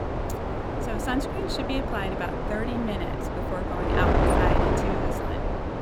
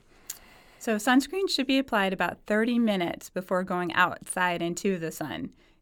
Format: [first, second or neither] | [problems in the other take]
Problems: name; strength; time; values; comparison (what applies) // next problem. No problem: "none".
second | wind noise on the microphone; heavy; 4 dB above the speech